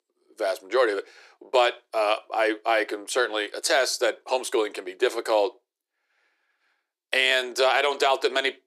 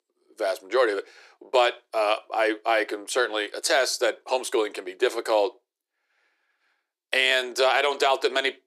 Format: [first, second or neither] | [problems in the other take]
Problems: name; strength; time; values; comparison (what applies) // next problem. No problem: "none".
neither | thin; very; fading below 350 Hz; the same in both